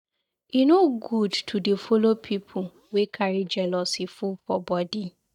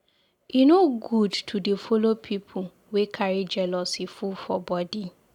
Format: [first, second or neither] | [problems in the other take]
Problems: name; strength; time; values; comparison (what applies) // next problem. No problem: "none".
second | noise reduction (neural mask model DeepFilterNet 3)